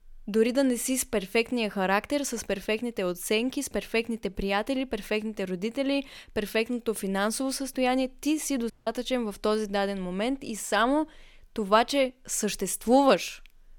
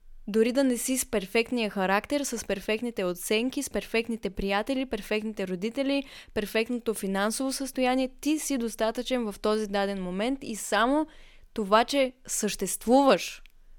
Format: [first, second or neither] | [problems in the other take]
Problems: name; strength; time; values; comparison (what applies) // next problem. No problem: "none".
second | audio cutting out; at 8.5 s